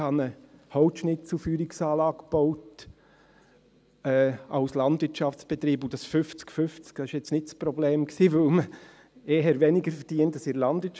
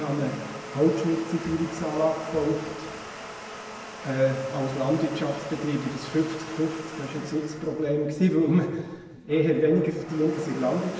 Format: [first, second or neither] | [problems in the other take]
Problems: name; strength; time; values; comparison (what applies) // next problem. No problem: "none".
first | background sound (Domestic sounds, home sounds); 13 dB below the speech // room echo; dies away in 1.3 s